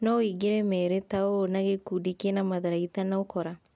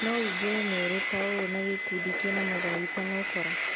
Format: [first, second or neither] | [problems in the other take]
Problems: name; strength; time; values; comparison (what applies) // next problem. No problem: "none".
first | background sound (Wind instrument, woodwind instrument + Train); 1 dB above the speech